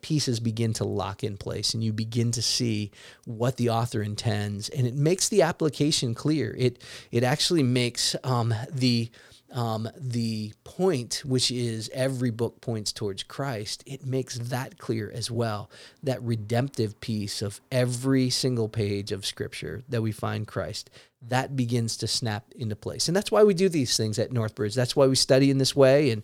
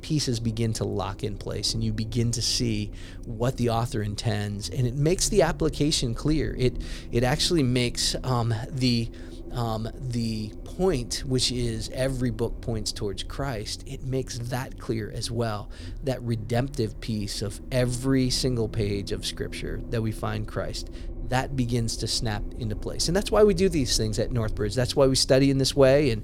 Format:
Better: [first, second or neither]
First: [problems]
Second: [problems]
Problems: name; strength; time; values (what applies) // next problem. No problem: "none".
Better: first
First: none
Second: low rumble; faint; throughout; 20 dB below the speech